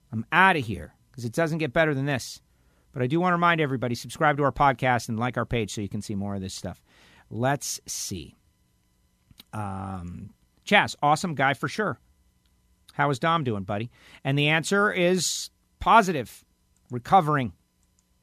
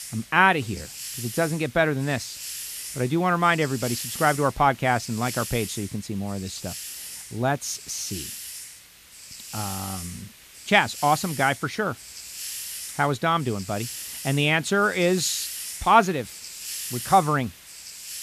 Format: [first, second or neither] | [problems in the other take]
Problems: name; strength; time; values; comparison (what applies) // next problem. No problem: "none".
first | hiss; noticeable; throughout; 10 dB below the speech